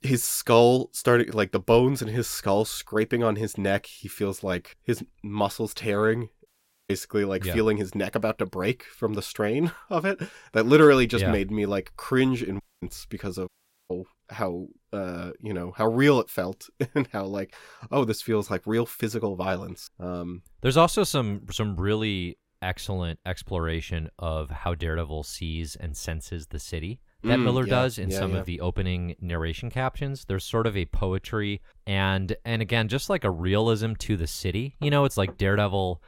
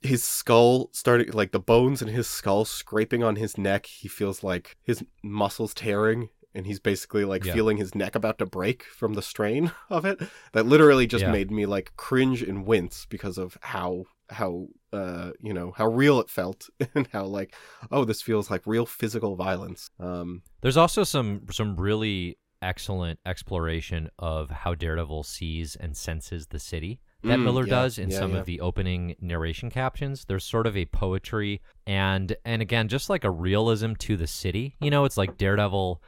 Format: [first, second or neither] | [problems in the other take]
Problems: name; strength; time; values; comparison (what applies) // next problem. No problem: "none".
second | audio cutting out; at 6.5 s and at 13 s